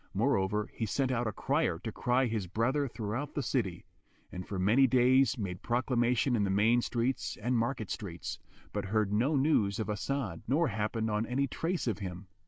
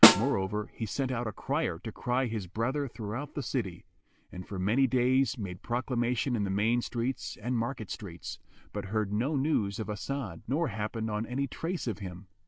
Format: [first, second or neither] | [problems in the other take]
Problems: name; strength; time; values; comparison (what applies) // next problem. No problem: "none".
first | background sound (Snare drum); 5 dB above the speech